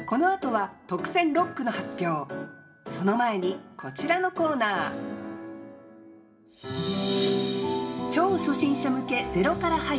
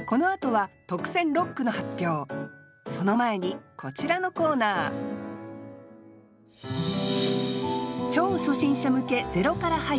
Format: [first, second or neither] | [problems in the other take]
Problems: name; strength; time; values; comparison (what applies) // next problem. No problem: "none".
second | room echo; dies away in 1.4 s